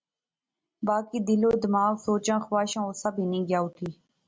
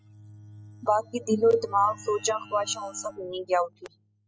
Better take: first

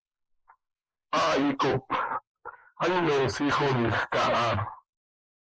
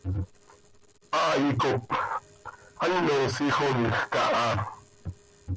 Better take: second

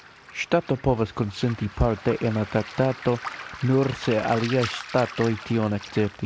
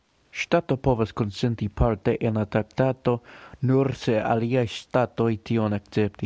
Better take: second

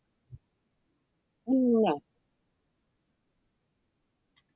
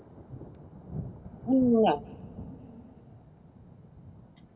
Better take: first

